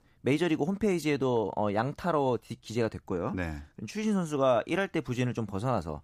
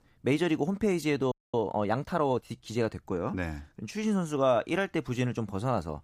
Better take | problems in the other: first | audio freezing; at 1.5 s

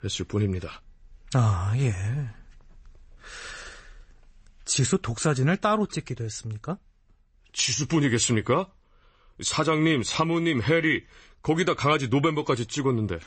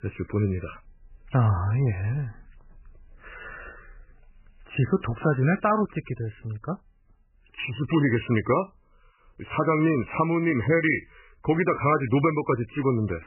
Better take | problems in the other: first | garbled, watery; badly; nothing above 2.5 kHz; slightly in the first

